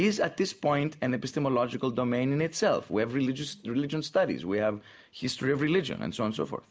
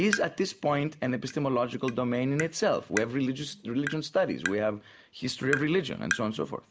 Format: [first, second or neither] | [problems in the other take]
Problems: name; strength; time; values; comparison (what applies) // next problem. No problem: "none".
first | background sound (Tap); 10 dB below the speech